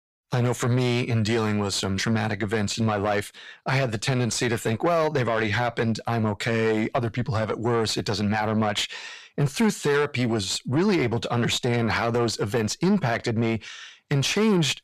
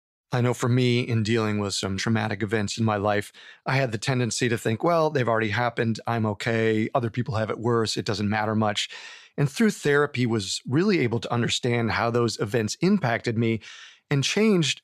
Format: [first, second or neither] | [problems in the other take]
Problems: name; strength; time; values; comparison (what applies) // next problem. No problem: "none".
second | distortion; slight; 10 dB below the speech